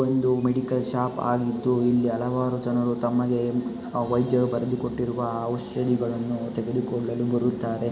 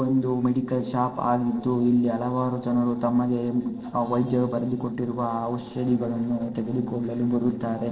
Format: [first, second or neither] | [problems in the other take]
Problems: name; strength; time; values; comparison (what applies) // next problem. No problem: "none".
first | noise reduction (neural separator model SepFormer DNS4)